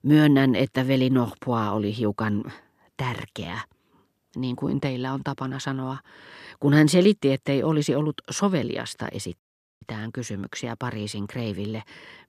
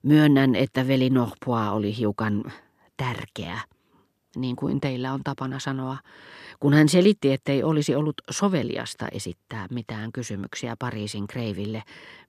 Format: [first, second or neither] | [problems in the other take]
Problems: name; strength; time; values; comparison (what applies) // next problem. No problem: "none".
second | audio cutting out; at 9.5 s